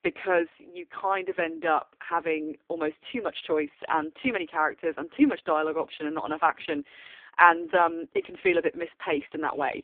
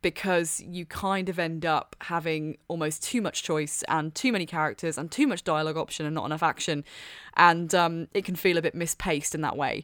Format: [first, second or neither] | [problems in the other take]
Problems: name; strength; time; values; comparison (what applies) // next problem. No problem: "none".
second | phone-call audio; poor line